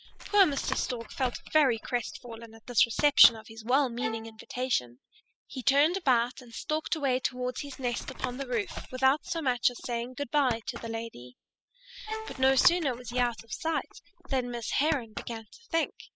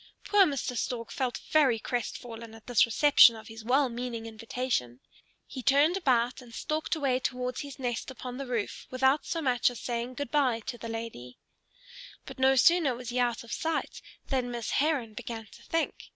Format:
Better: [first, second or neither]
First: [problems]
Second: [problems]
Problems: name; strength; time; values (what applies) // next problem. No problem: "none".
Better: second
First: noise reduction (classical method spectral subtraction)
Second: none